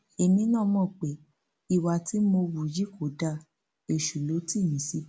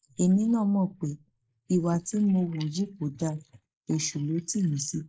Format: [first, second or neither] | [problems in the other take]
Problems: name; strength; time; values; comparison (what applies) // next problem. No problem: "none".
first | noise reduction (neural mask model Resemble Enhance denoiser)